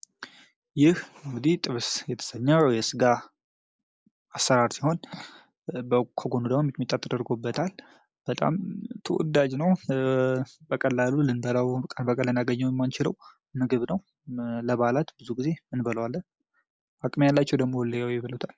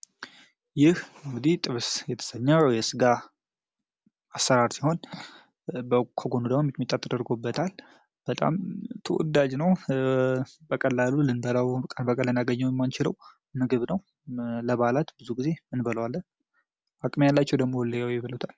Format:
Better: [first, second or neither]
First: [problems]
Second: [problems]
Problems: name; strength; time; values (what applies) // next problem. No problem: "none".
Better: second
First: noise reduction (neural mask model Resemble Enhance denoiser)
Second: none